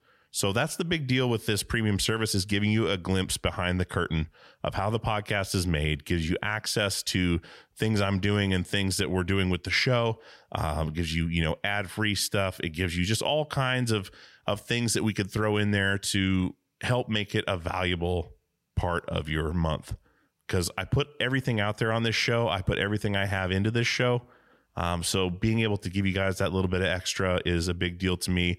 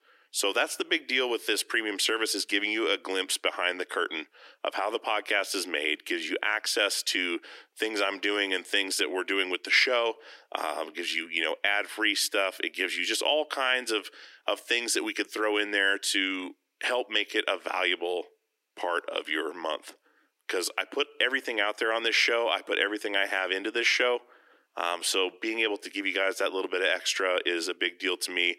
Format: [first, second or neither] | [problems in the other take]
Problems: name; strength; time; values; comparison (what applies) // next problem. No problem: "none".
first | thin; very; fading below 300 Hz